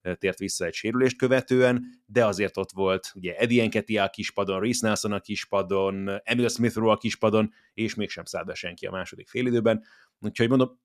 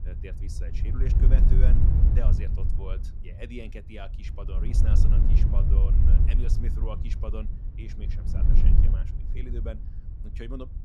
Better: first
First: none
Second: wind noise on the microphone; heavy; 1 dB above the speech

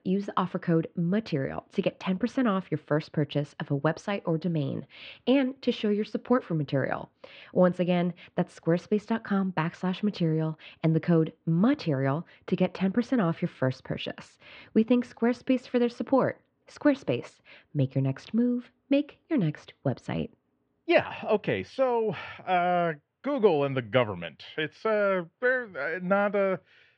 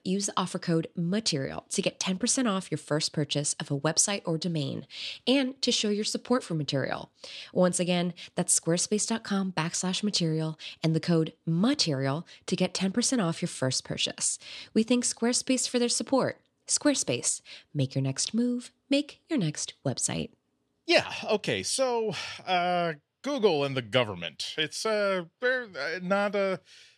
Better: second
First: muffled; very; fading above 2 kHz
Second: none

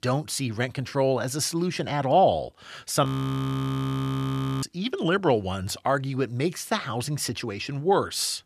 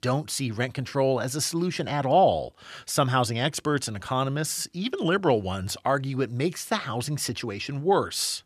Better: second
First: audio freezing; at 3 s for 1.5 s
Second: none

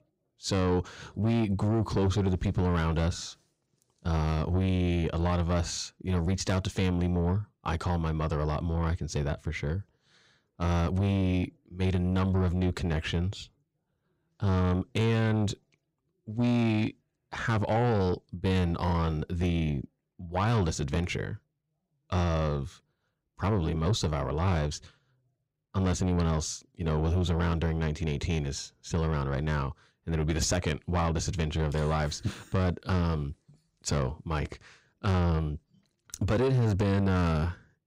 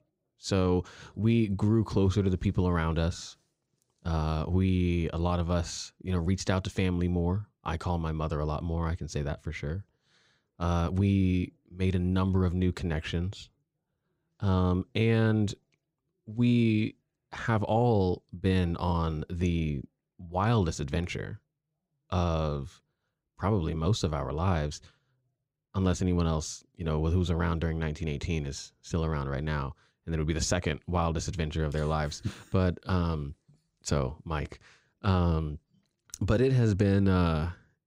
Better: second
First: distortion; slight; 10 dB below the speech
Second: none

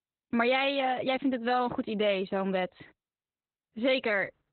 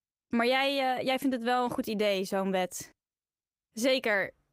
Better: second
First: garbled, watery; badly; nothing above 4 kHz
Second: garbled, watery; slightly; nothing above 15.5 kHz

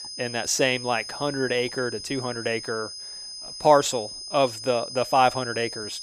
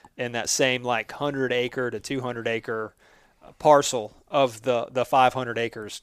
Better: second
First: high-pitched whine; loud; throughout; 5 kHz, 10 dB below the speech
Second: none

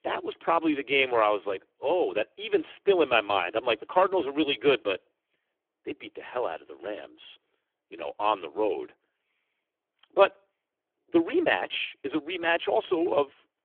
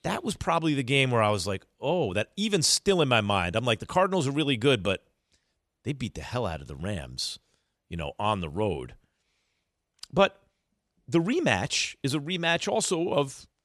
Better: second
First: phone-call audio; poor line; nothing above 3.5 kHz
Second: none

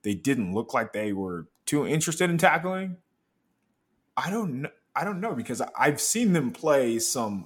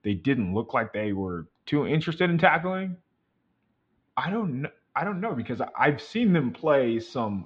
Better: first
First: none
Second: muffled; very; fading above 4 kHz

